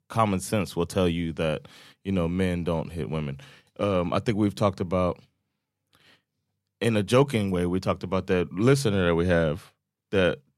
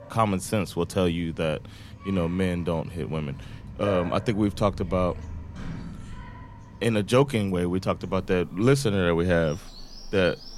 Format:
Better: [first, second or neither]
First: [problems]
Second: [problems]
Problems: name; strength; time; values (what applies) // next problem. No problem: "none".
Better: first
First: none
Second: animal sounds; noticeable; throughout; 15 dB below the speech